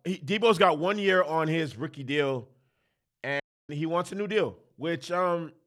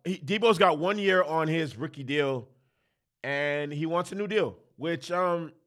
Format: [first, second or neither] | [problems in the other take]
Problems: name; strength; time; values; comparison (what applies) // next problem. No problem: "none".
second | audio cutting out; at 3.5 s